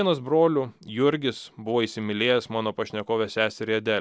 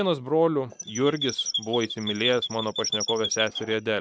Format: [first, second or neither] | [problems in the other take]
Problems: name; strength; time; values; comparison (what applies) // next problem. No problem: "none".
first | noise reduction (neural mask model RNNoise)